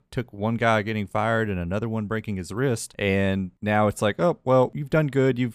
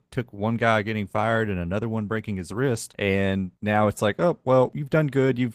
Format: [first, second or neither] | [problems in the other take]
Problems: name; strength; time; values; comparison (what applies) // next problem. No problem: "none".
first | garbled, watery; slightly; nothing above 15 kHz